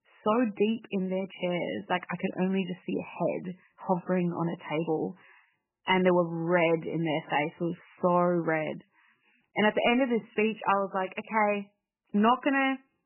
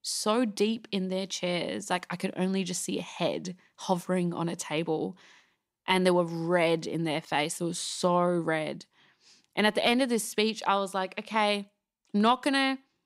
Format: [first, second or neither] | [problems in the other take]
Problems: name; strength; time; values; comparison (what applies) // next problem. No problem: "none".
second | garbled, watery; badly; nothing above 3 kHz